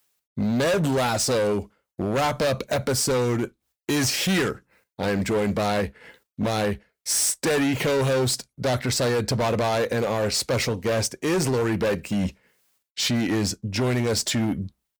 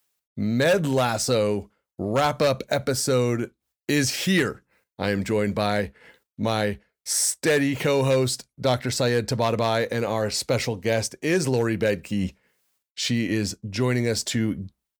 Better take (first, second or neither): second